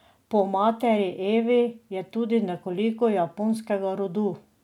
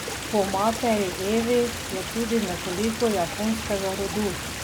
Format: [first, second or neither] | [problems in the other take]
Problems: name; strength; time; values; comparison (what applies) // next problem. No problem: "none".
first | background sound (Stream); 6 dB below the speech